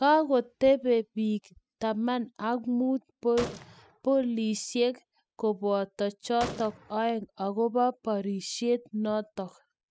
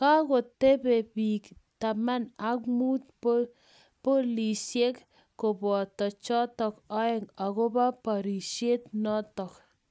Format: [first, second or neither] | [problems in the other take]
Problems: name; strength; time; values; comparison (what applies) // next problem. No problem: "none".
second | noise reduction (classical method spectral subtraction)